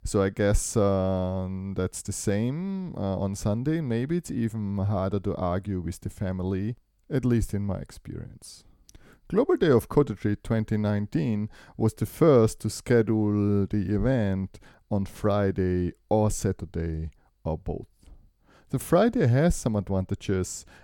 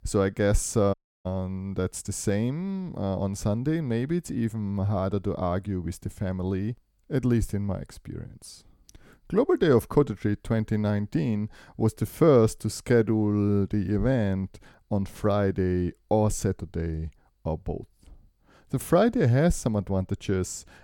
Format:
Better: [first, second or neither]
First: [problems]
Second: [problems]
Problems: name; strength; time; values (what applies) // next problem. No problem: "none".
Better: first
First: none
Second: audio cutting out; at 1 s